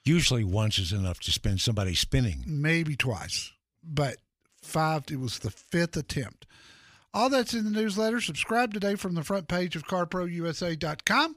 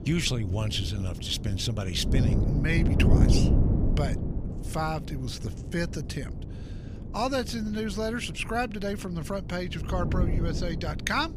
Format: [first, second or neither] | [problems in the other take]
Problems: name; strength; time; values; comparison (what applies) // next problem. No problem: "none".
first | wind noise on the microphone; heavy; 7 dB below the speech